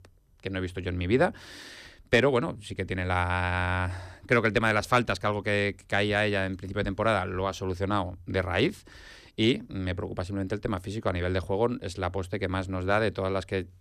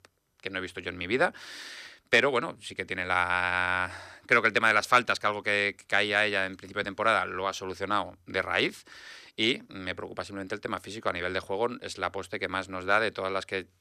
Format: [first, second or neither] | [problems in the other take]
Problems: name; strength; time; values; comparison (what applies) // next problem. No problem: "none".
first | thin; somewhat; fading below 500 Hz